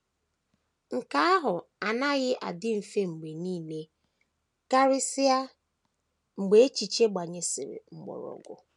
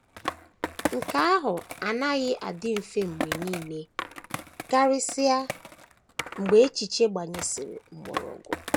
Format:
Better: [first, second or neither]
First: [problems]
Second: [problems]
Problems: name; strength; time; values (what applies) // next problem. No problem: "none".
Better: first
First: none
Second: background sound (Skateboard); 9 dB below the speech